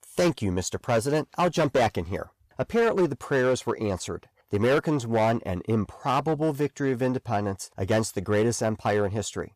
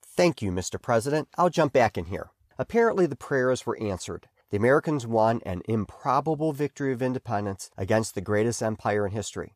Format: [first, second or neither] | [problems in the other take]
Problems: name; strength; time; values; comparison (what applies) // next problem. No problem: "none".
second | distortion; slight; 6% of the sound clipped